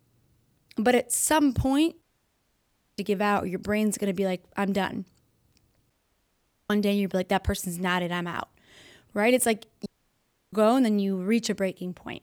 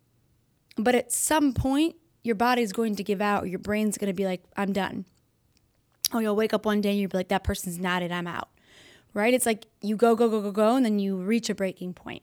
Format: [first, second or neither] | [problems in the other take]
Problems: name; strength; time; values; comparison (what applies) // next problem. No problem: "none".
second | audio cutting out; at 2 s for 1 s, at 6 s for 1 s and at 10 s for 0.5 s